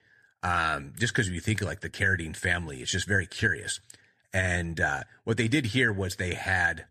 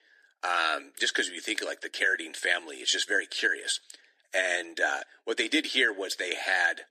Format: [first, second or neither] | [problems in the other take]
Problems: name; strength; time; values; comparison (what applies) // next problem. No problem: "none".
first | thin; very; fading below 300 Hz